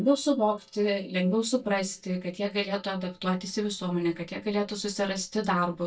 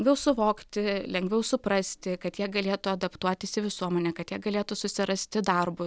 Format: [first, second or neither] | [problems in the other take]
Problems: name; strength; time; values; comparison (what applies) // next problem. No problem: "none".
second | noise reduction (neural mask model DeepFilterNet 3)